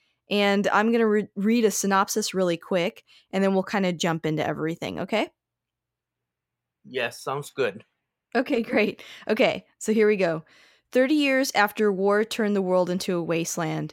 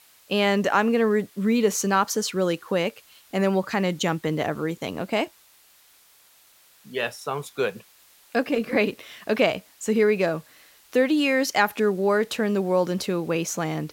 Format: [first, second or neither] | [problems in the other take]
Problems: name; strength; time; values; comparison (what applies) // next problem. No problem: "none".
first | hiss; faint; throughout; 30 dB below the speech